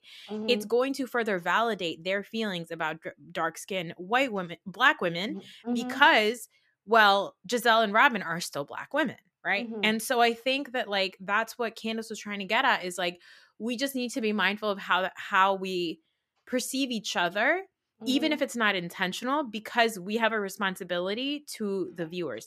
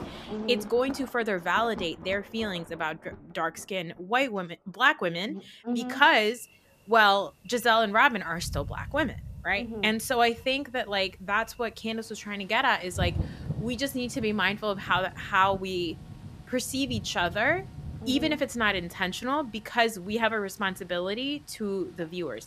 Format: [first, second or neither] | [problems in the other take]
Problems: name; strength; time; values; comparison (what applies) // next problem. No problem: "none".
first | rain or running water; noticeable; throughout; 15 dB below the speech